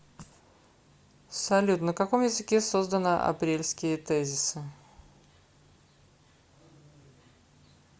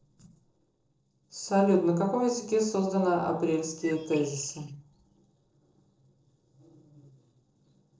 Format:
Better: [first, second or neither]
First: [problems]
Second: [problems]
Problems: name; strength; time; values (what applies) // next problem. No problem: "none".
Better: first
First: none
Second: noise reduction (neural separator model SepFormer DNS4)